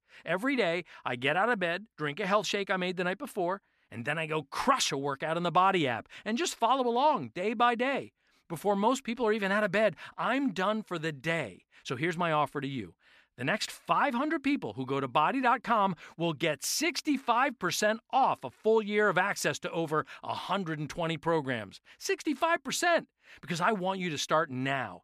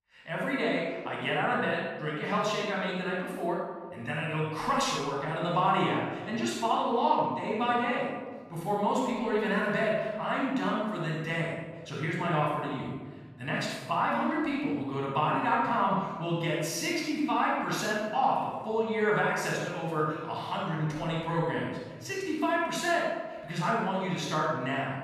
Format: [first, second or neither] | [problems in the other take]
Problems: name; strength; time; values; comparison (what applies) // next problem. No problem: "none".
first | off-mic speech; far // room echo; strong; dies away in 1.6 s